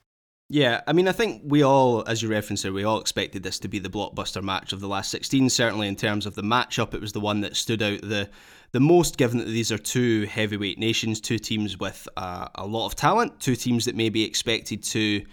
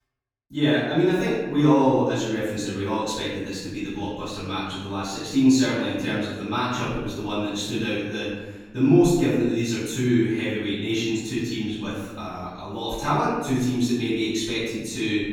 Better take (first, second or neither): first